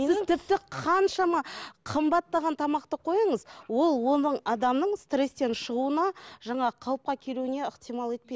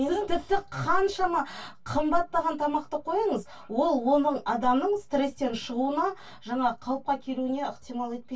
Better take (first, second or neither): first